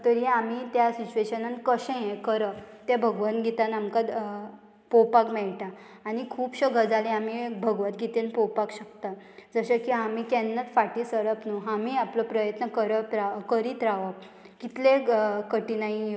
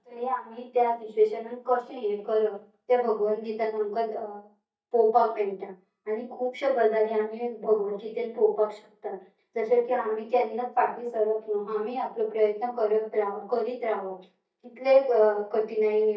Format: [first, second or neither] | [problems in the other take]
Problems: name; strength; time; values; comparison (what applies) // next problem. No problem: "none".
first | noise reduction (neural mask model DeepFilterNet 3)